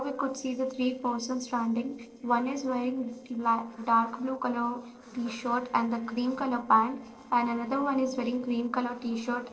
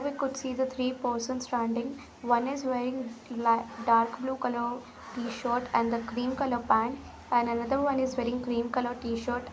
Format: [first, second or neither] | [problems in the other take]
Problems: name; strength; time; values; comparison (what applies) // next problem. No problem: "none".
second | noise reduction (neural separator model SepFormer DNS4)